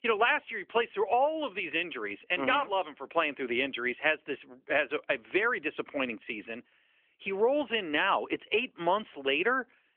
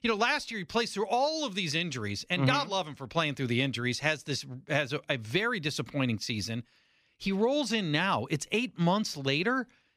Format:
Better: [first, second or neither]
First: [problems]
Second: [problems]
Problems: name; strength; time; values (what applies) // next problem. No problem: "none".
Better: second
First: phone-call audio; nothing above 3 kHz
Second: none